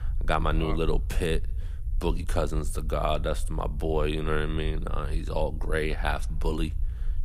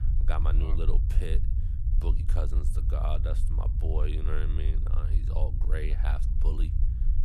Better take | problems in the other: first | low rumble; loud; throughout; 7 dB below the speech; faint in the first

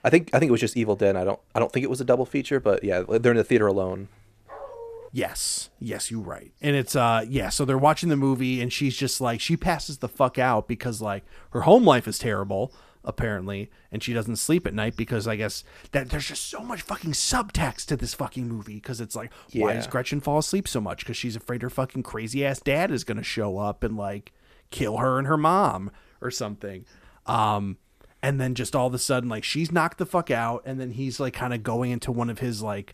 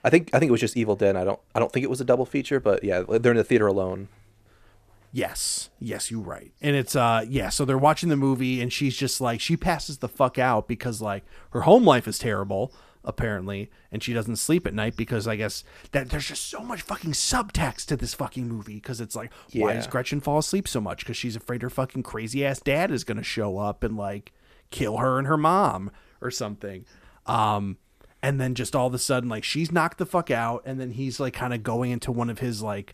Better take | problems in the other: second | dog barking; faint; at 4.5 s; peak 15 dB below the speech

